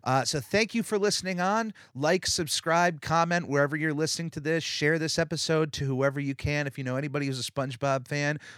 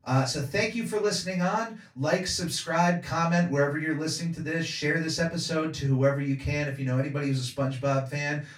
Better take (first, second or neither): first